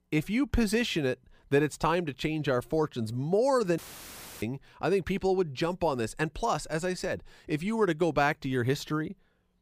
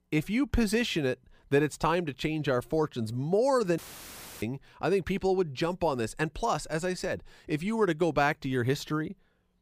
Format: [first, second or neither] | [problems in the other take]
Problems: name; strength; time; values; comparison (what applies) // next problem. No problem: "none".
neither | audio cutting out; filled with static; at 4 s for 0.5 s; the same in both